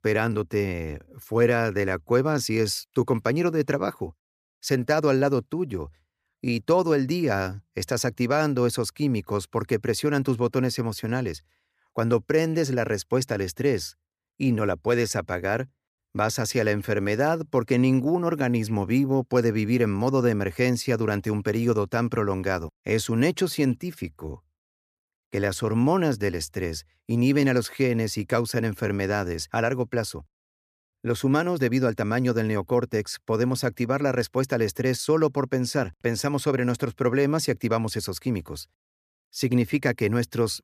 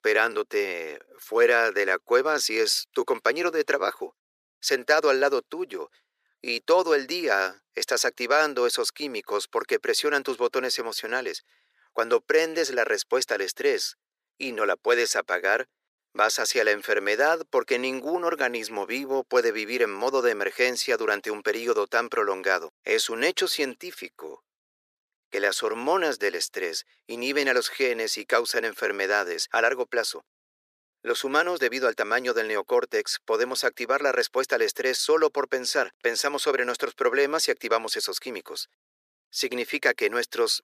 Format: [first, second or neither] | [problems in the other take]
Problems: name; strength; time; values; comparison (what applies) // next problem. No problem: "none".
first | thin; very; fading below 400 Hz